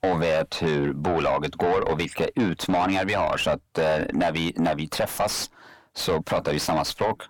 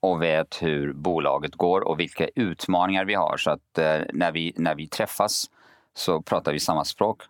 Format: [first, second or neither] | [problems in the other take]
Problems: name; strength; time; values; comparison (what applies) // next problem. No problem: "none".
second | distortion; heavy; 6 dB below the speech